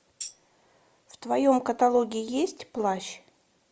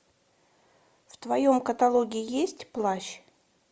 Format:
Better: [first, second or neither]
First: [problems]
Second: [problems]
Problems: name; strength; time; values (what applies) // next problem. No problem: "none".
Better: second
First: background sound (Tambourine); 17 dB below the speech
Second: none